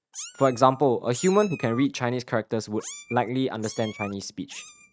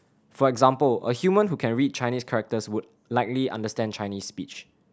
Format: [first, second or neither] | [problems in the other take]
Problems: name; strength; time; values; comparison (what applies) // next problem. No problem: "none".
second | noise reduction (neural mask model RNNoise)